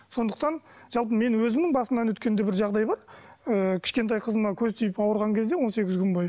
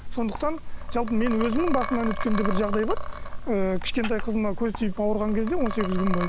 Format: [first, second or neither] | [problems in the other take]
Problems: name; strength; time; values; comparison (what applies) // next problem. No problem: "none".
first | background sound (Liquid); 1 dB below the speech